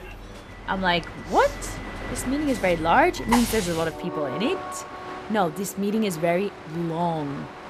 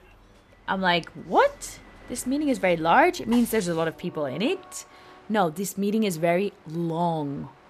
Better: second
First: train or aircraft noise; loud; throughout; 9 dB below the speech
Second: train or aircraft noise; faint; throughout; 25 dB below the speech

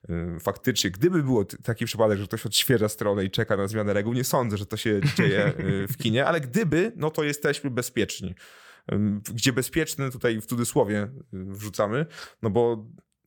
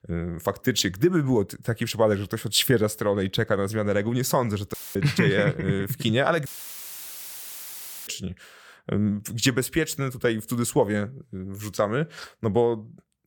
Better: first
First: none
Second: audio cutting out; filled with static; at 4.5 s and at 6.5 s for 1.5 s

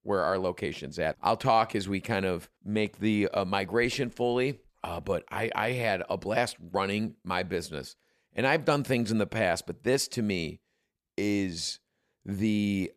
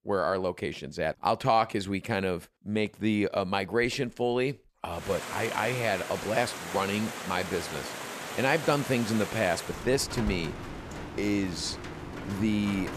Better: first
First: none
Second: rain or running water; loud; from 5 s on; 8 dB below the speech

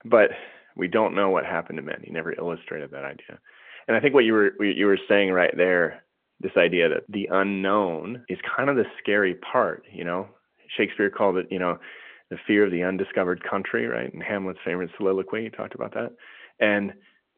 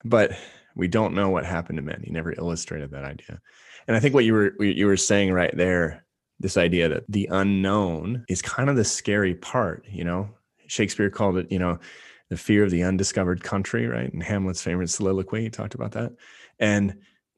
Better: second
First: phone-call audio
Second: none

